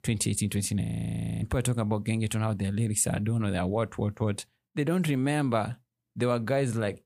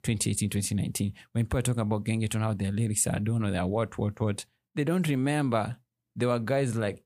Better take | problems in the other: second | audio freezing; at 1 s for 0.5 s

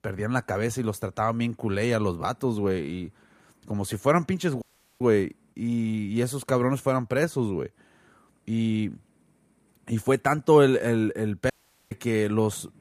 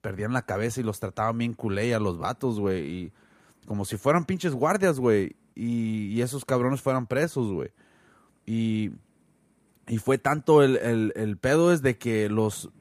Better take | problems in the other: second | audio cutting out; at 4.5 s and at 12 s

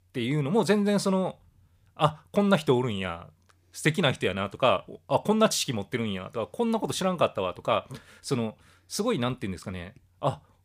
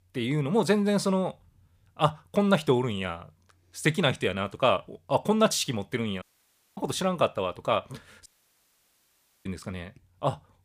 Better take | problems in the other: first | audio cutting out; at 6 s for 0.5 s and at 8.5 s for 1 s

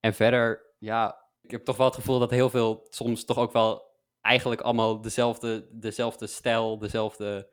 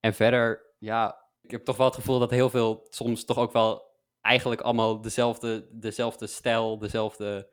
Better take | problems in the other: neither | none

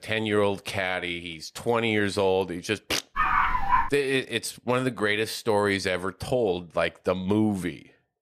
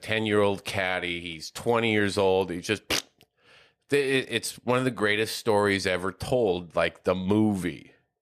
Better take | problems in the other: second | dog barking; loud; at 3 s; peak 4 dB above the speech

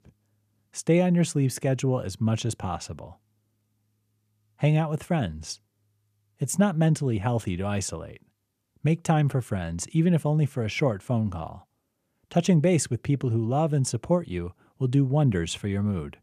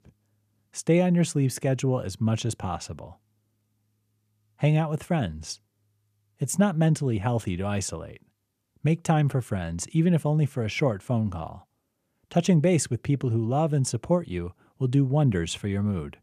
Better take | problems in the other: neither | none

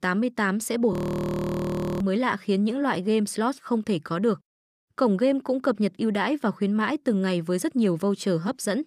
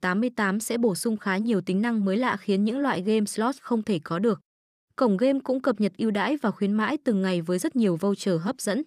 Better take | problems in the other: second | audio freezing; at 1 s for 1 s

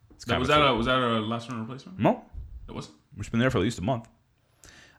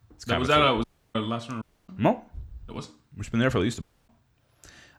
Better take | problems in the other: first | audio cutting out; at 1 s, at 1.5 s and at 4 s

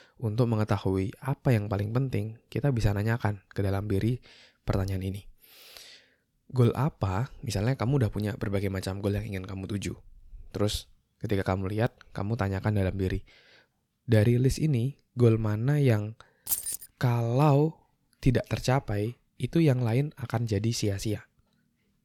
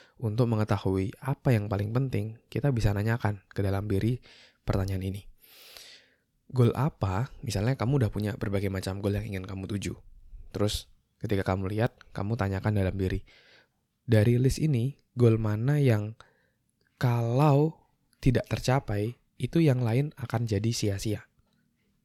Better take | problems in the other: second | jangling keys; noticeable; at 16 s; peak 1 dB below the speech

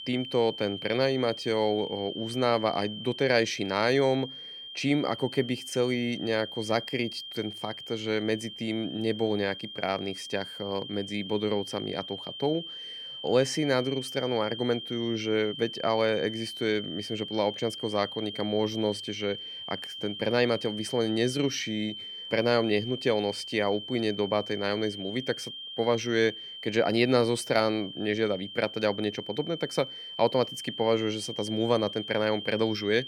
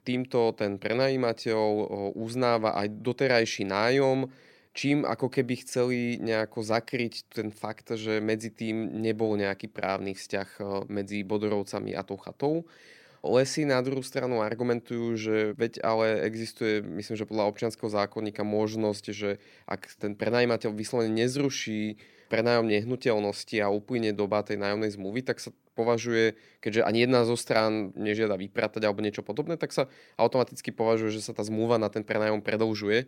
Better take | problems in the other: second | high-pitched whine; loud; throughout; 3 kHz, 9 dB below the speech

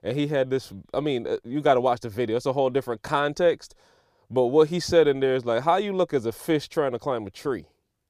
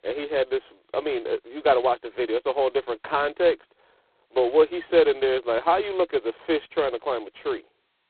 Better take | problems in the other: first | phone-call audio; poor line; nothing above 4 kHz

